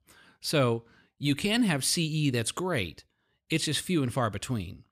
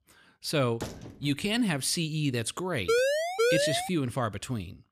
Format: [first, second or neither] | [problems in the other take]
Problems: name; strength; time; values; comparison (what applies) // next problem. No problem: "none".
first | door banging; noticeable; at 1 s; peak 10 dB below the speech // siren; loud; from 3 to 4 s; peak 5 dB above the speech